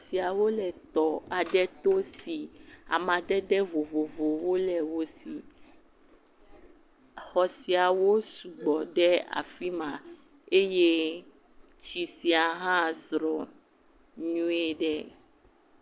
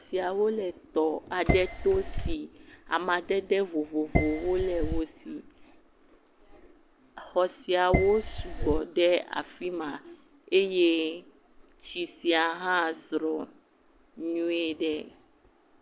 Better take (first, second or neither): first